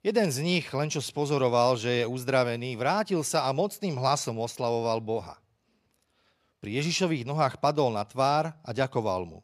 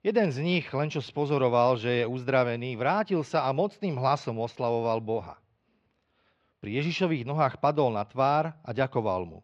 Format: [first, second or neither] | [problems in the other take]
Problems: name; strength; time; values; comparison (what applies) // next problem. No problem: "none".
first | muffled; slightly; fading above 3.5 kHz